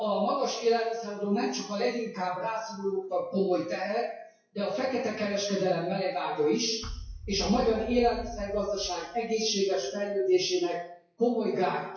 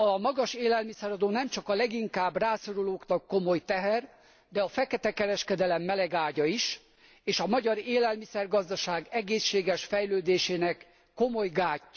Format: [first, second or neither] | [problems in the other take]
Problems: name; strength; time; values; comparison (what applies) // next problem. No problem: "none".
second | noise reduction (classical method WPE with log-MMSE)